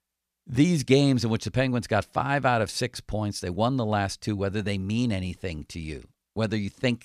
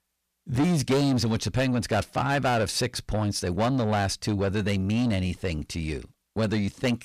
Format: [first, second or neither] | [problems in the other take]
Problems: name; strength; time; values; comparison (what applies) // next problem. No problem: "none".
first | distortion; heavy; 8 dB below the speech